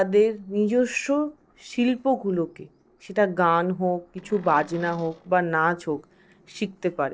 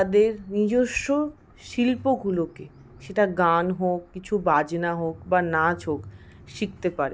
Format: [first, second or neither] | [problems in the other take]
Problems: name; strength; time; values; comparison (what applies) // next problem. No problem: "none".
second | noise reduction (neural separator model SepFormer DNS4)